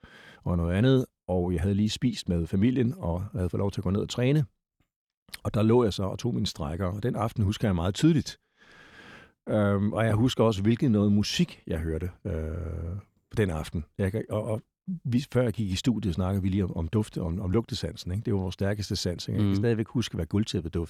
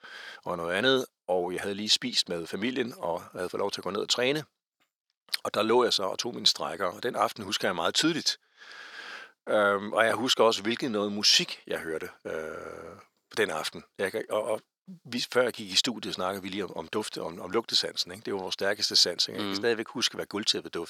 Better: first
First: none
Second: thin; very; fading below 550 Hz

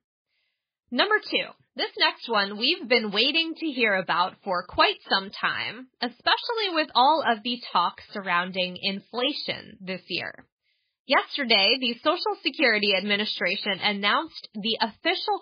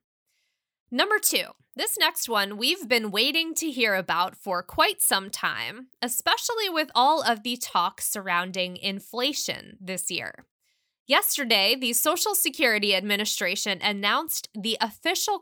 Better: second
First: garbled, watery; badly; nothing above 5 kHz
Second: none

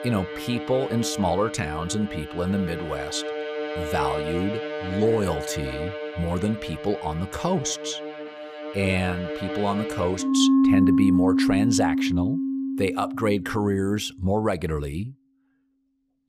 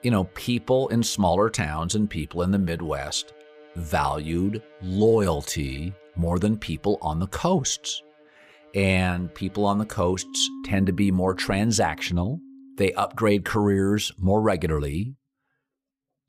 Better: second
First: background music; loud; throughout; as loud as the speech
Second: background music; faint; throughout; 20 dB below the speech

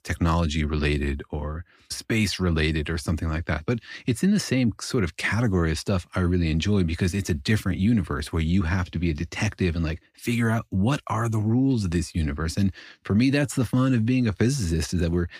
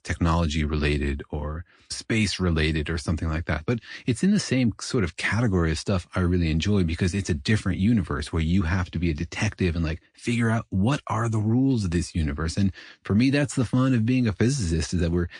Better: first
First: none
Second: garbled, watery; slightly

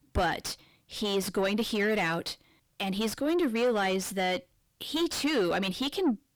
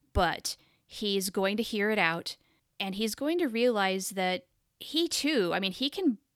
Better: second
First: distortion; heavy; 7 dB below the speech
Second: none

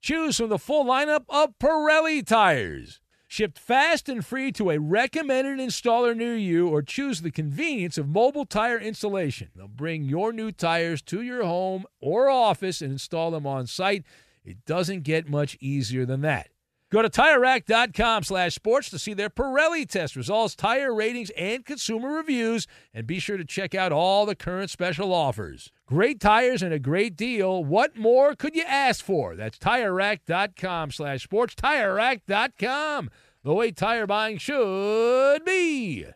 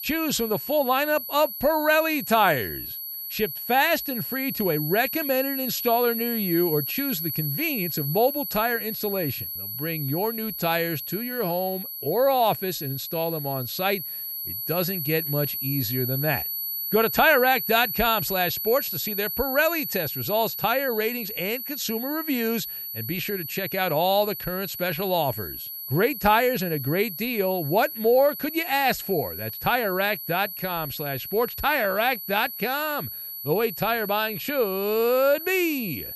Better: first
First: none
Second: high-pitched whine; loud; throughout; 12 kHz, 5 dB below the speech

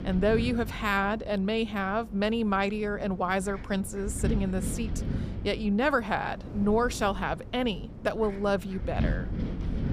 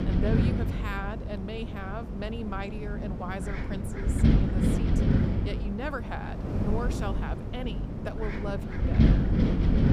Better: first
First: wind noise on the microphone; occasional gusts; 15 dB below the speech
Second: wind noise on the microphone; heavy; 1 dB above the speech

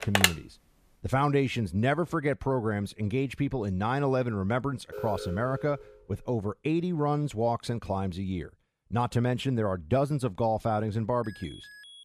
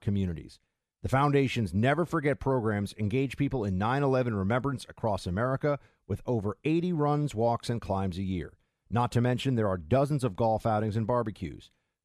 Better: second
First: phone ringing; loud; at the start; peak 5 dB above the speech // alarm; noticeable; from 5 to 6 s; peak 8 dB below the speech // alarm; faint; at 11 s; peak 15 dB below the speech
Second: none

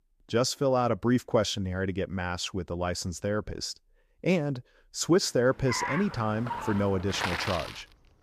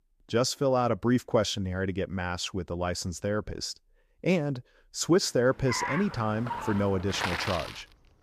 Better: neither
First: traffic noise; loud; from 6 s on; 6 dB below the speech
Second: traffic noise; loud; from 6 s on; 6 dB below the speech

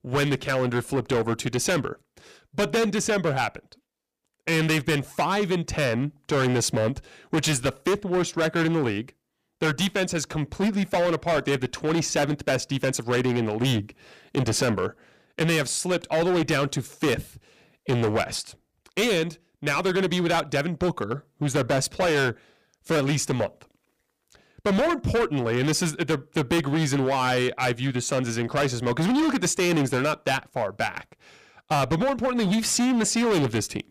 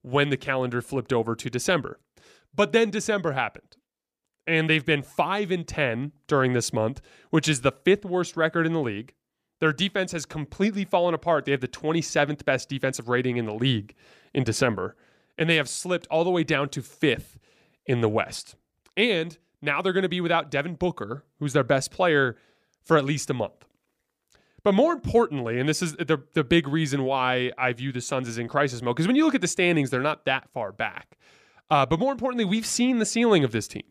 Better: second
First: distortion; heavy; 16% of the sound clipped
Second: none

